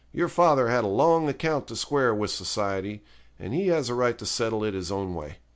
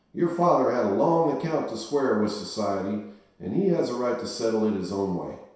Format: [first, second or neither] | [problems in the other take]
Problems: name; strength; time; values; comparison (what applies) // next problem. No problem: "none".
first | room echo; dies away in 0.7 s